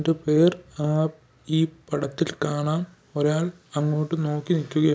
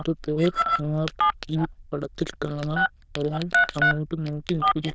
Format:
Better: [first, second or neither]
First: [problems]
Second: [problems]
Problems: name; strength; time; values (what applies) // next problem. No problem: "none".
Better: first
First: none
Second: noise reduction (neural diffusion model UNIVERSE++)